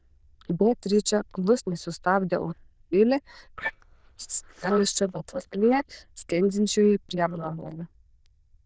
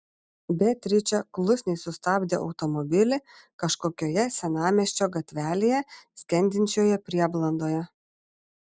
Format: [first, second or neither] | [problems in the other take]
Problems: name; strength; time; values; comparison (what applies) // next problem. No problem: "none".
second | noise reduction (neural diffusion model UNIVERSE++)